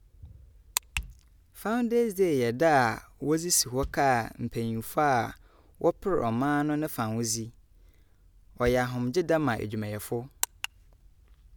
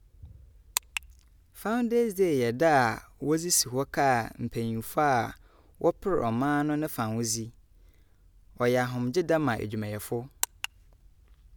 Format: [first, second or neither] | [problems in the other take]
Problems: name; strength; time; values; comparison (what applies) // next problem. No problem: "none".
second | background sound (Bass drum); 16 dB below the speech